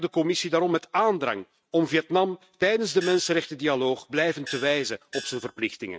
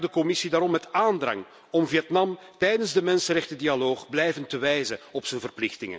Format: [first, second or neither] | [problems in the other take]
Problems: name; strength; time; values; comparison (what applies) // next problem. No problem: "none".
second | noise reduction (neural mask model RNNoise)